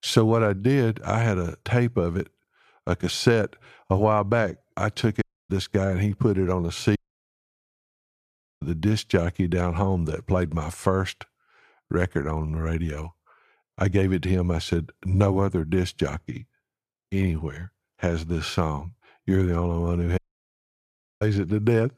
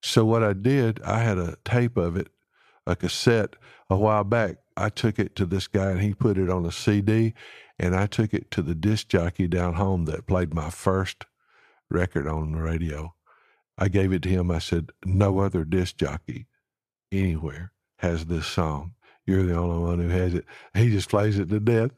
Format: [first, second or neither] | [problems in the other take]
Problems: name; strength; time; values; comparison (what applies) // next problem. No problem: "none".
second | audio cutting out; at 5 s, at 7 s for 1.5 s and at 20 s for 1 s